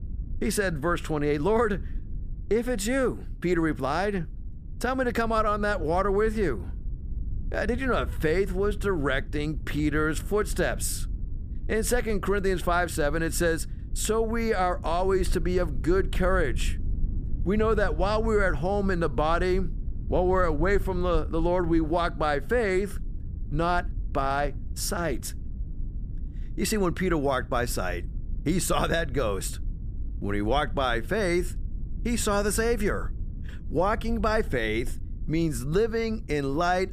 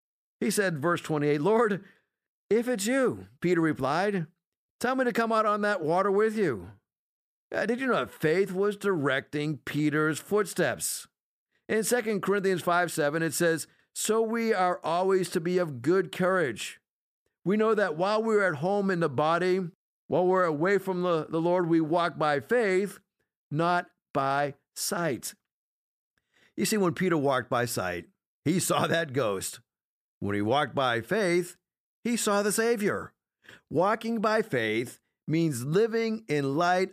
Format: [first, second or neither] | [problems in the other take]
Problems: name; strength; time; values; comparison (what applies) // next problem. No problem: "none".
second | low rumble; faint; throughout; 25 dB below the speech